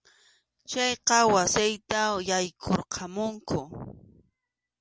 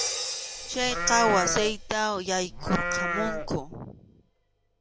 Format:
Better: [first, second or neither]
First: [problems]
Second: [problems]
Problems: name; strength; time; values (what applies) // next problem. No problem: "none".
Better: first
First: none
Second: background sound (Livestock, farm animals, working animals + Crash cymbal); 4 dB below the speech